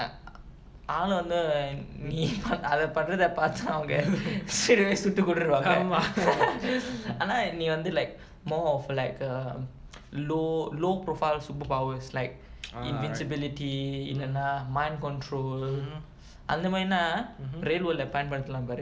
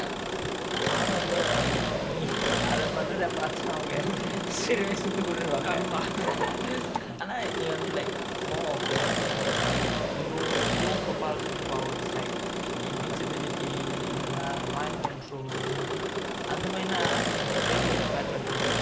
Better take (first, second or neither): first